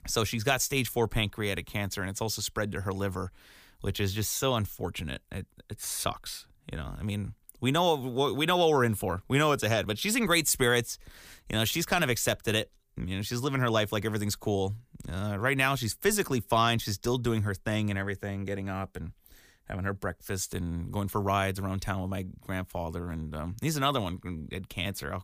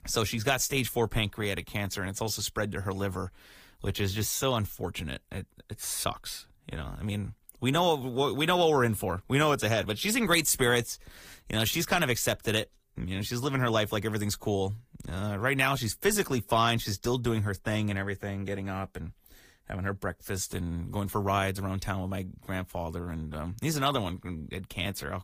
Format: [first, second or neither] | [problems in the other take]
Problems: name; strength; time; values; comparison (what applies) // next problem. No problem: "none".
first | garbled, watery; slightly; nothing above 15 kHz